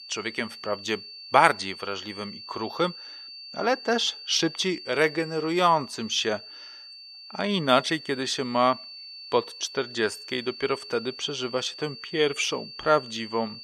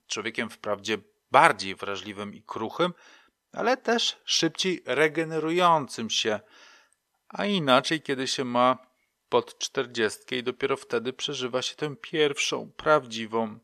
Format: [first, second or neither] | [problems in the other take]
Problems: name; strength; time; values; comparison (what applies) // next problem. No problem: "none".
second | high-pitched whine; noticeable; throughout; 4.5 kHz, 15 dB below the speech